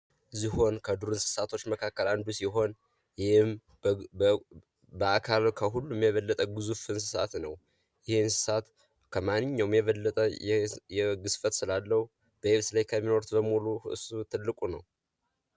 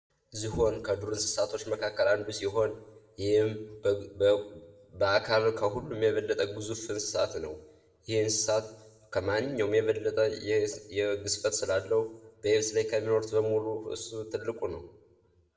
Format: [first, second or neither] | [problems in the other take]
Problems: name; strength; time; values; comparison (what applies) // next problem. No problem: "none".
first | room echo; dies away in 0.6 s